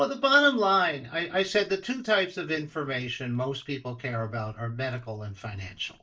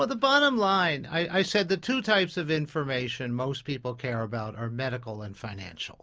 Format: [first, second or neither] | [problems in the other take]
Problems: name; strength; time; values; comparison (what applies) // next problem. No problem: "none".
second | noise reduction (neural mask model DeepFilterNet 3)